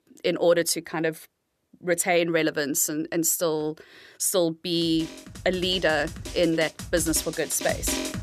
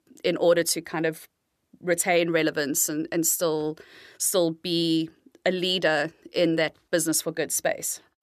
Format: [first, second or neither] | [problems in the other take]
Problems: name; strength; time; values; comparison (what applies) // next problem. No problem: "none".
second | background music; noticeable; throughout; 10 dB below the speech